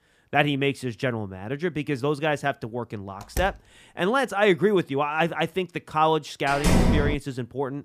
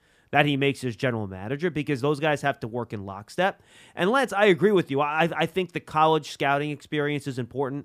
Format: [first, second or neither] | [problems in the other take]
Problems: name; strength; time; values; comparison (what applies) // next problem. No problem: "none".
second | door banging; noticeable; at 3 s; peak 9 dB below the speech // door banging; loud; at 6.5 s; peak 4 dB above the speech